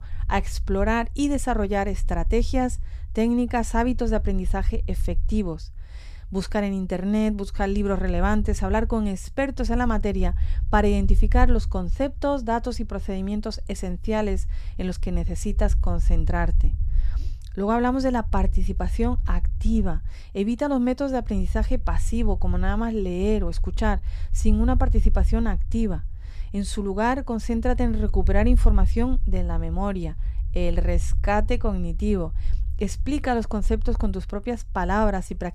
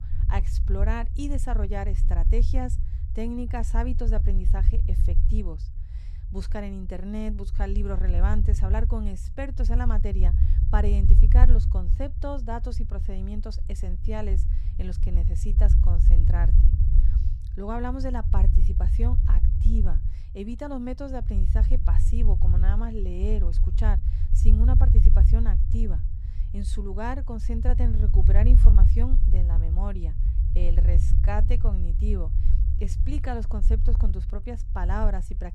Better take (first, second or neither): first